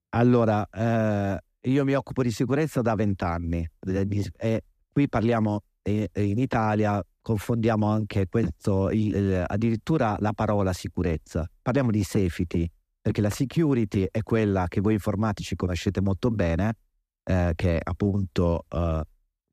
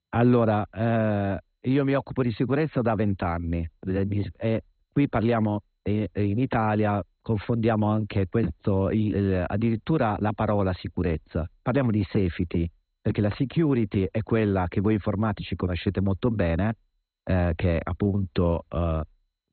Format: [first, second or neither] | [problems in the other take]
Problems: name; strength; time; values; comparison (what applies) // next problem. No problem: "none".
first | garbled, watery; badly; nothing above 4 kHz